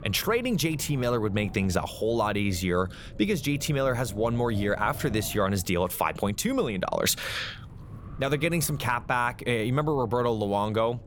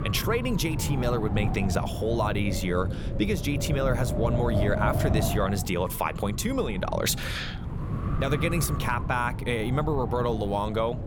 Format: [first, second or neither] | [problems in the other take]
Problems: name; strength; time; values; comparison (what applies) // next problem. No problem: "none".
first | wind noise on the microphone; heavy; 8 dB below the speech; occasional gusts in the first